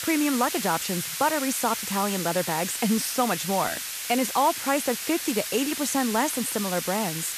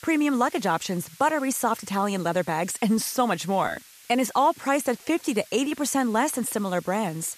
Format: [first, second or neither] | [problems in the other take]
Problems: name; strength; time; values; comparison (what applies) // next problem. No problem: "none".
second | hiss; loud; throughout; 4 dB below the speech; faint in the second